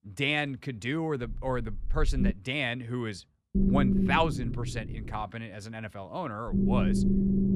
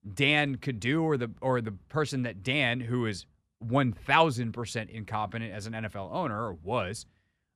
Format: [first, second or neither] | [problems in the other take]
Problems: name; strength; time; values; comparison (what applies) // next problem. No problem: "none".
second | low rumble; loud; from 1 to 2.5 s, from 3.5 to 5 s and from 6.5 s on; 3 dB below the speech